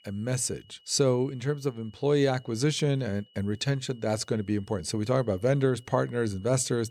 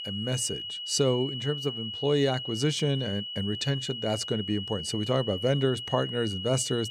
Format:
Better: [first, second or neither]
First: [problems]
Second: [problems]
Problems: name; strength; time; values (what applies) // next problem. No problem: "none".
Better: first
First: high-pitched whine; faint; throughout; 3 kHz, 30 dB below the speech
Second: high-pitched whine; loud; throughout; 3 kHz, 6 dB below the speech